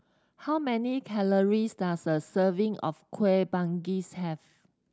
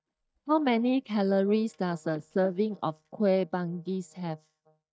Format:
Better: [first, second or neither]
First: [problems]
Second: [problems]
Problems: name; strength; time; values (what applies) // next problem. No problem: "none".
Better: first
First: none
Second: noise reduction (neural mask model DeepFilterNet 3)